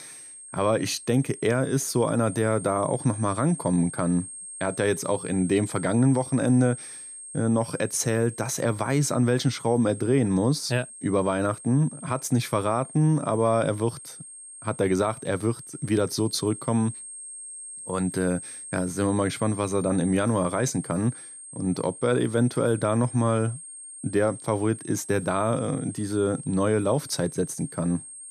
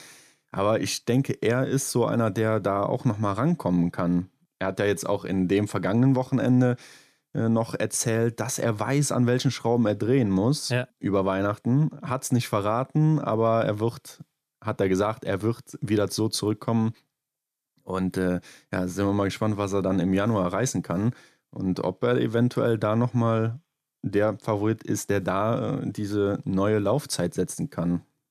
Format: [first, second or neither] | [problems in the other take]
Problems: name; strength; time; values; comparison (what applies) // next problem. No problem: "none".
second | high-pitched whine; noticeable; throughout; 8.5 kHz, 15 dB below the speech